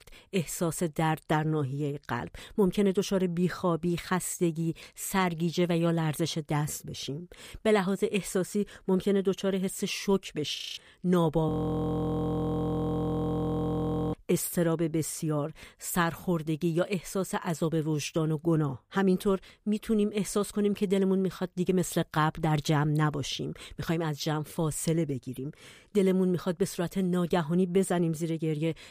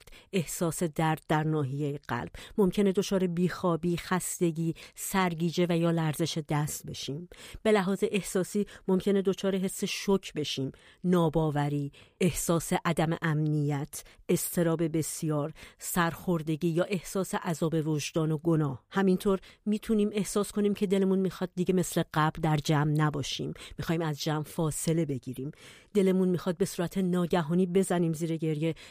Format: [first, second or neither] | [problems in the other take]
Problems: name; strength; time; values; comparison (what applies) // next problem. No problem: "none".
second | audio freezing; at 11 s for 2.5 s